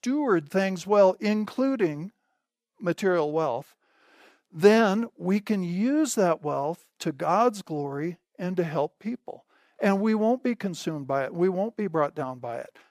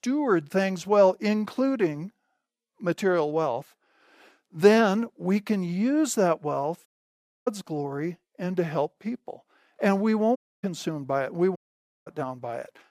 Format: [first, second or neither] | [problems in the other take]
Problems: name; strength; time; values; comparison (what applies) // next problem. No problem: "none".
first | audio cutting out; at 7 s for 0.5 s, at 10 s and at 12 s for 0.5 s